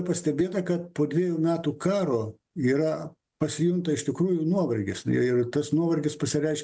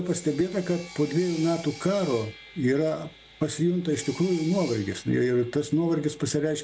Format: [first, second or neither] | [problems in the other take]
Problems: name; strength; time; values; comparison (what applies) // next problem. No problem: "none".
first | background sound (Sawing); 19 dB below the speech